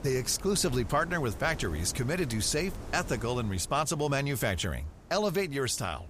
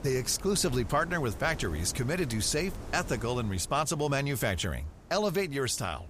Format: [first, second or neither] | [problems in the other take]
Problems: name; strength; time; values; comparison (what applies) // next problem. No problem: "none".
neither | wind noise on the microphone; occasional gusts; 20 dB below the speech; the same in both